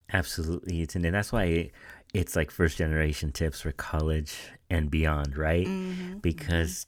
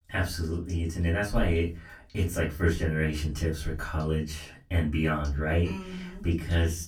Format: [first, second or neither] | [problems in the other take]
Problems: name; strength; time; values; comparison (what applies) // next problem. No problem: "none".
first | off-mic speech; far // room echo; very slight; dies away in 0.2 s